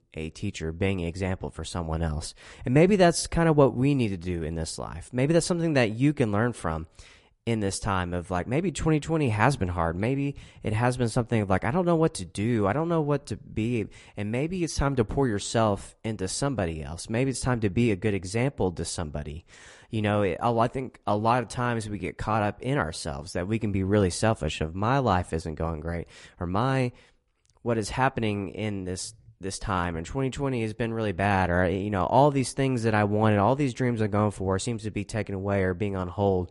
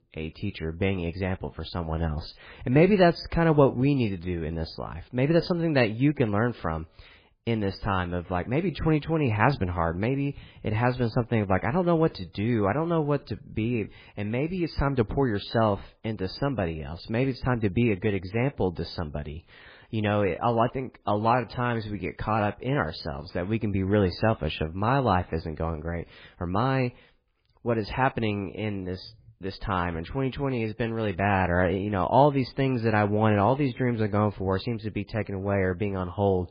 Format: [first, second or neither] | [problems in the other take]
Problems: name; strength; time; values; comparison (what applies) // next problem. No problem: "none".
first | garbled, watery; badly; nothing above 5 kHz; slightly in the first